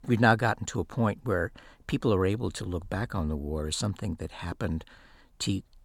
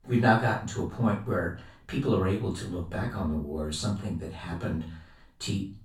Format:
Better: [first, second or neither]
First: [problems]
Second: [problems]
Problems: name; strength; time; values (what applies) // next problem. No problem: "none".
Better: first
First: none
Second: off-mic speech; far // room echo; slight; dies away in 0.3 s